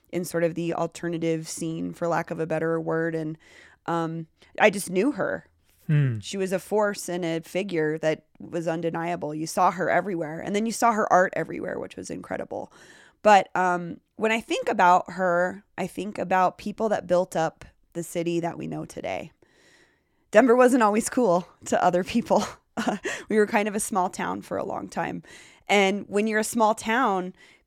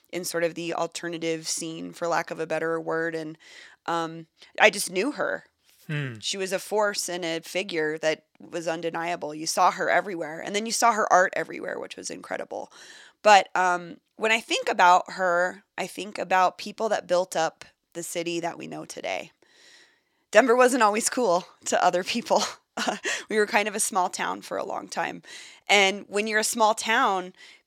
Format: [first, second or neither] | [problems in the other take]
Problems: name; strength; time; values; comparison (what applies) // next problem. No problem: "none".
first | thin; very slightly; fading below 1 kHz